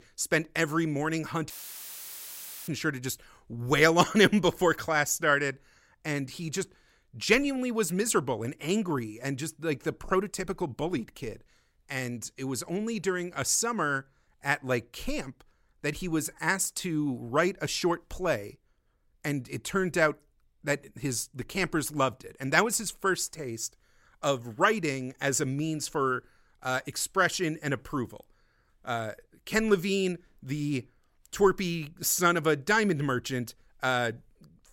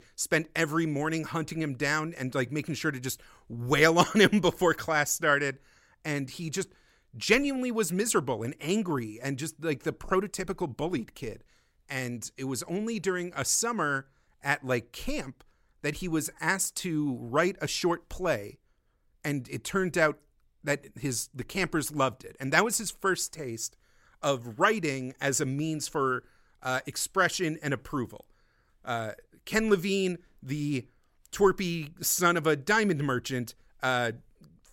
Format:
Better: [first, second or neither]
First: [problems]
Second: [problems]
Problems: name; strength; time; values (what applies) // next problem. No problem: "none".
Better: second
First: audio cutting out; filled with static; at 1.5 s for 1 s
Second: none